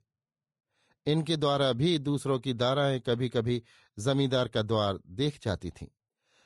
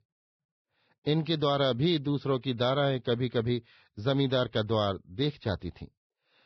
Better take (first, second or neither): first